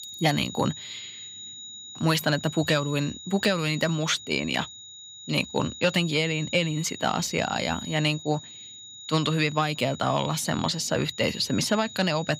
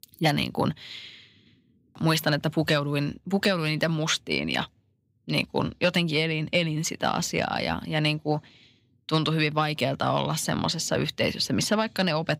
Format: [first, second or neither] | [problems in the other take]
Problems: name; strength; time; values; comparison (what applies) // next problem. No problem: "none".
second | high-pitched whine; noticeable; throughout; 4 kHz, 15 dB below the speech